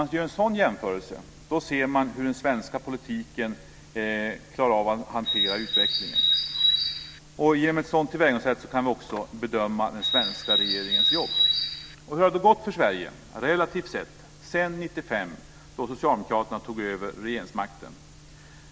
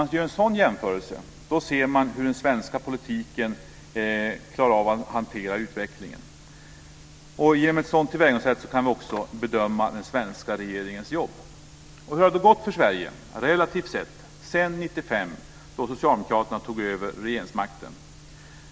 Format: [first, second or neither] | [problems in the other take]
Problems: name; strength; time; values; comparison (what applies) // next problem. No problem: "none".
second | background sound (Bird); 3 dB above the speech